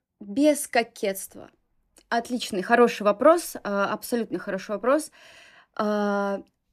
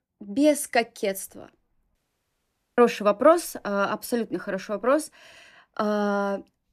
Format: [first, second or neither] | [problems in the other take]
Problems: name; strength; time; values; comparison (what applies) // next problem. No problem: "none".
first | audio cutting out; at 2 s for 1 s